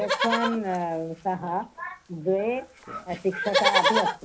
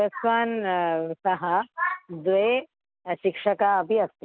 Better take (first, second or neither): second